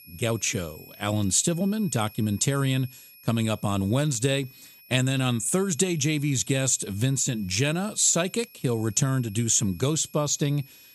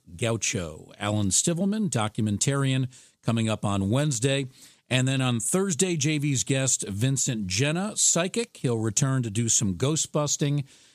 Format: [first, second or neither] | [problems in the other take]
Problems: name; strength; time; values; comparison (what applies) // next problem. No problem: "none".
second | high-pitched whine; faint; throughout; 11.5 kHz, 25 dB below the speech